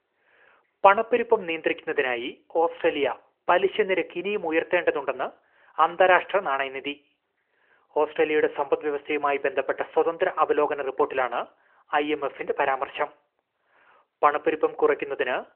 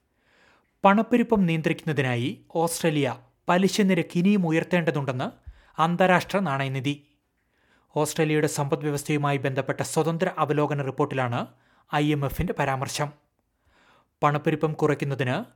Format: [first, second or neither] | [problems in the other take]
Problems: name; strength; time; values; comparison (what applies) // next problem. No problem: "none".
second | phone-call audio; nothing above 3 kHz